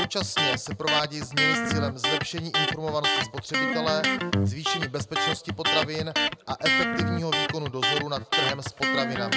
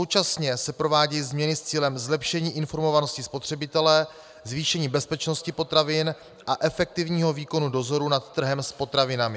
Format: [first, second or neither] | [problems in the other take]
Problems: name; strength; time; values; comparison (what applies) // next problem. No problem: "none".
second | background sound (Electric guitar); 5 dB above the speech